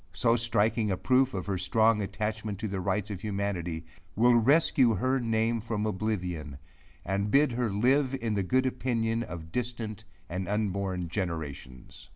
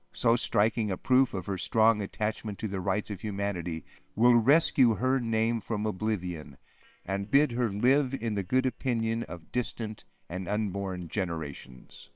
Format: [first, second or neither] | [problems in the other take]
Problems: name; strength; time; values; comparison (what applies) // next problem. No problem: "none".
first | noise reduction (neural separator model SepFormer WHAM!)